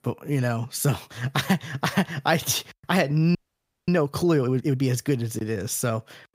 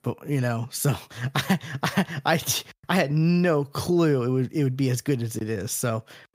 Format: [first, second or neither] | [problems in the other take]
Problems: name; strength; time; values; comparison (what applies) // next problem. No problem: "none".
second | audio freezing; at 3.5 s for 0.5 s